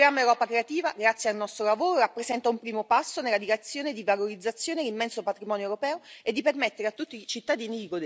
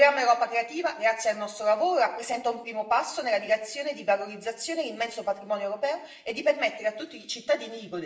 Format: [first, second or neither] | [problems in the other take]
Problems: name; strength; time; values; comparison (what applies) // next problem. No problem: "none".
first | room echo; dies away in 0.7 s